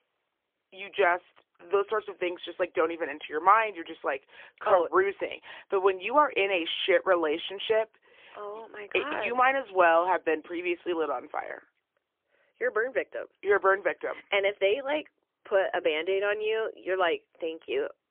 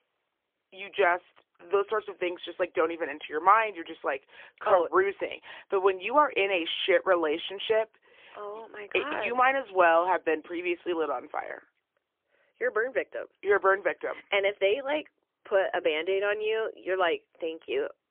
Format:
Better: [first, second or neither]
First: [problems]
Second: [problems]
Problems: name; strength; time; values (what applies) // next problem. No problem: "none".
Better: neither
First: phone-call audio; poor line; nothing above 3.5 kHz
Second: phone-call audio; poor line; nothing above 3.5 kHz